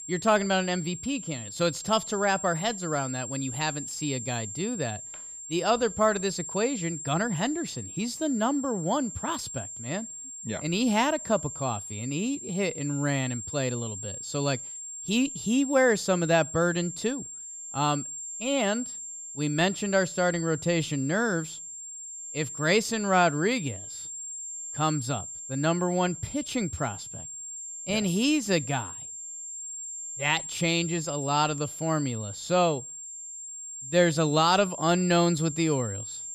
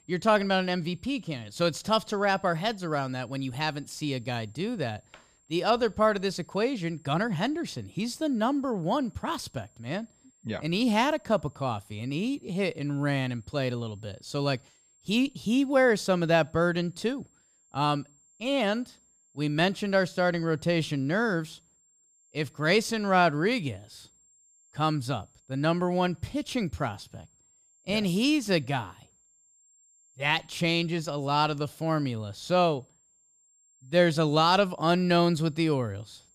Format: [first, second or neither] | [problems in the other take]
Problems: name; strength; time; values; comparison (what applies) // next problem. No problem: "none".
second | high-pitched whine; loud; throughout; 7.5 kHz, 9 dB below the speech; faint in the second